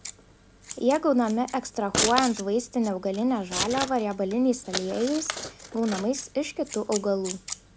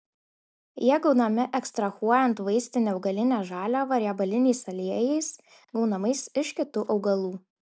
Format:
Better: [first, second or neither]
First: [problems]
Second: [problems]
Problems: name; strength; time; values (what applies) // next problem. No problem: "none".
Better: second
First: background sound (Scissors); 8 dB below the speech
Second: none